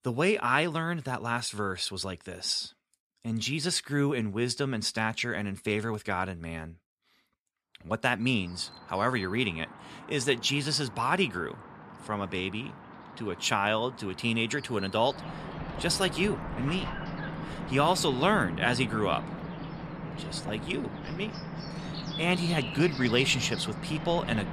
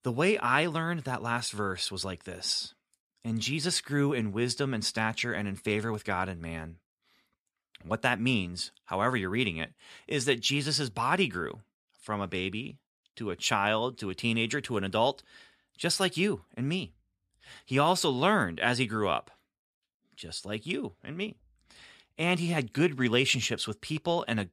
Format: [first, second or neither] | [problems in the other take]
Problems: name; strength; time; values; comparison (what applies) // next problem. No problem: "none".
second | animal sounds; loud; from 8.5 s on; 10 dB below the speech